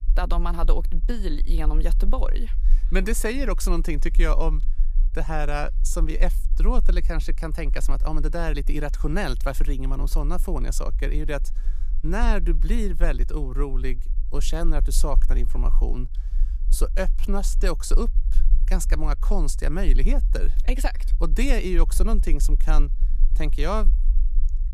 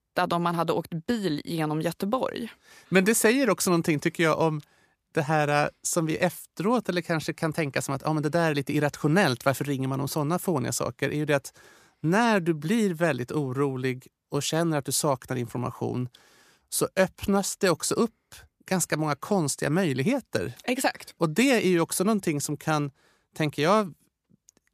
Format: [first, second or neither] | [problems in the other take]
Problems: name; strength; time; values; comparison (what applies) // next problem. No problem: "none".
second | low rumble; faint; throughout; 20 dB below the speech